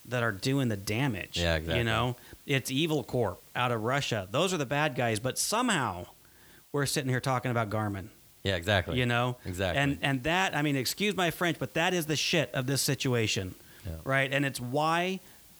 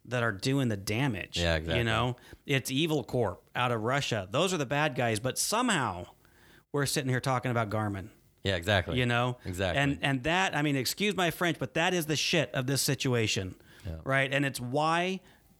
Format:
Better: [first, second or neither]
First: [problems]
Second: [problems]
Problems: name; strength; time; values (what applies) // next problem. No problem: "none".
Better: second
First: hiss; faint; throughout; 25 dB below the speech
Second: none